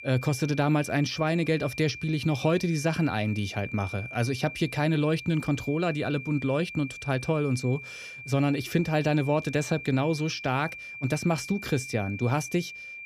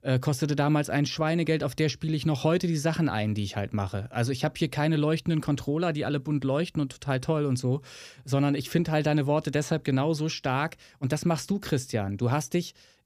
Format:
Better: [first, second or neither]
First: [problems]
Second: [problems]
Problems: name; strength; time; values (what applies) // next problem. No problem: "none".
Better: second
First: high-pitched whine; noticeable; throughout; 2.5 kHz, 10 dB below the speech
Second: none